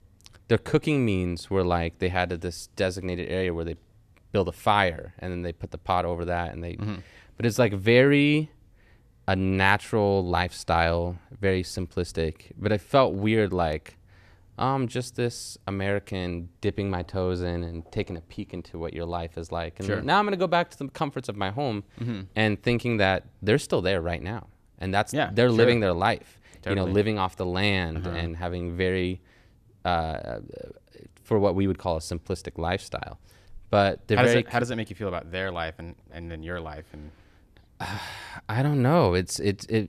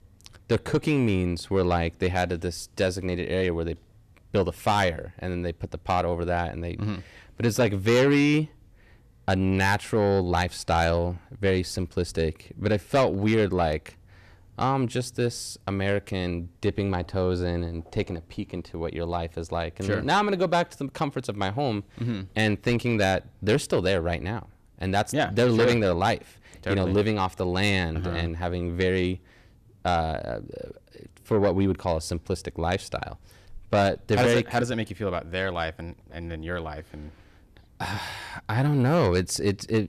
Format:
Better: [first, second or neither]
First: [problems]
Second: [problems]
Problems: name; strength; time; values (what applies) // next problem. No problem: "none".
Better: first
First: none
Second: distortion; slight; 10 dB below the speech